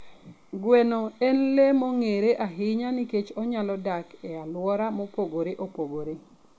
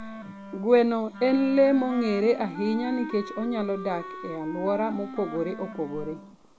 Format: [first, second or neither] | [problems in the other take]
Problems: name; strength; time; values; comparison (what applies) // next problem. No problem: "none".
first | background sound (Wind instrument, woodwind instrument); 12 dB below the speech